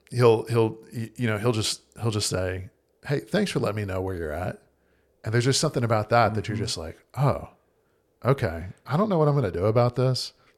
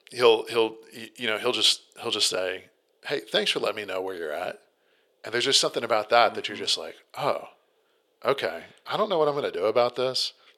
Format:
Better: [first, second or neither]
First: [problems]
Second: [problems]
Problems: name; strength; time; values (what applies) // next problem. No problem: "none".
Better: first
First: none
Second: thin; very; fading below 450 Hz